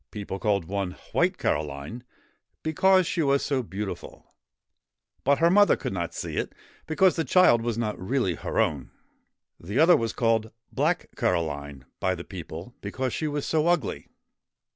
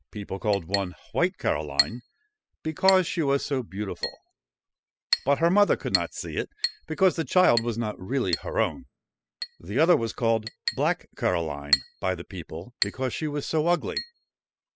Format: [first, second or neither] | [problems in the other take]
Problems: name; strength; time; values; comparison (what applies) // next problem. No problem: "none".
first | noise reduction (classical method spectral subtraction)